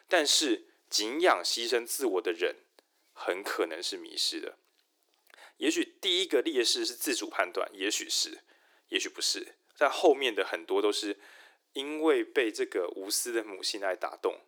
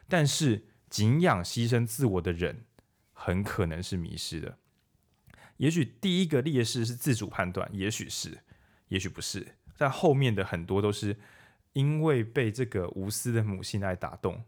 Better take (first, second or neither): second